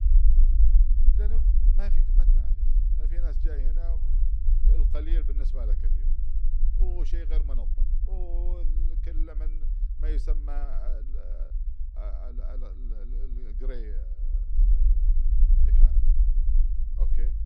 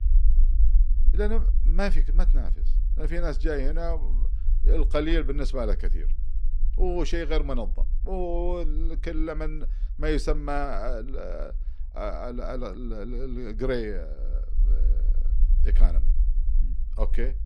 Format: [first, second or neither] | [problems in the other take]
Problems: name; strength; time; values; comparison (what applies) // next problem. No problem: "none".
second | low rumble; loud; throughout; 3 dB below the speech; faint in the second